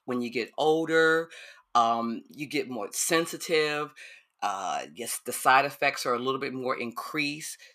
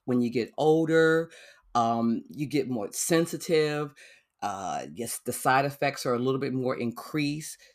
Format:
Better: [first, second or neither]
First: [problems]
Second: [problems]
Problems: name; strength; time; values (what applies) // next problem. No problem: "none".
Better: second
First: thin; somewhat; fading below 1 kHz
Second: none